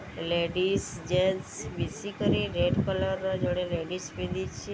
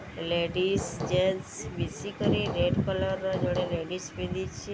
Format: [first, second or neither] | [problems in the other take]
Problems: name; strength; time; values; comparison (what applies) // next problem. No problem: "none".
first | background sound (Hammer); 10 dB below the speech